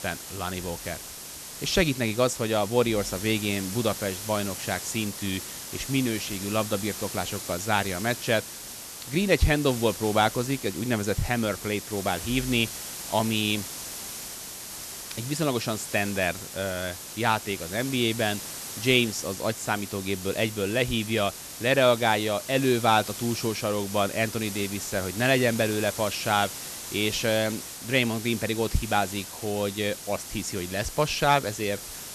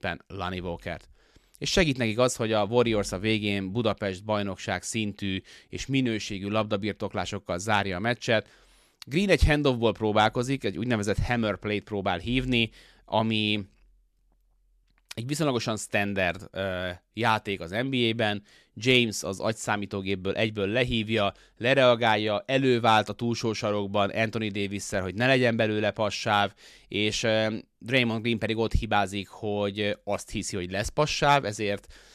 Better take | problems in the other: second | hiss; loud; throughout; 9 dB below the speech

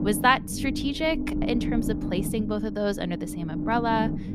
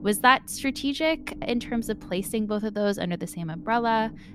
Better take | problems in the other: second | low rumble; loud; throughout; 9 dB below the speech; faint in the second

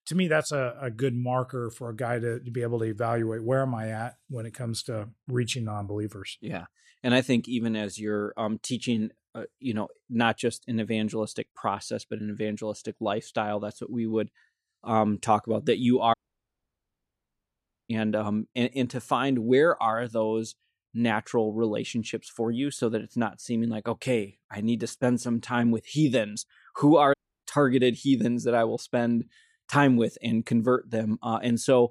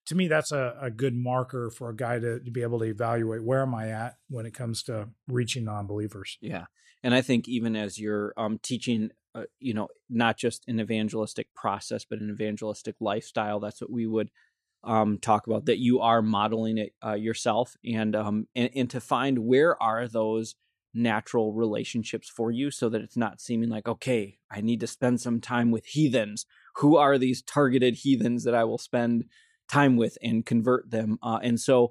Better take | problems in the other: second | audio cutting out; at 16 s for 2 s and at 27 s

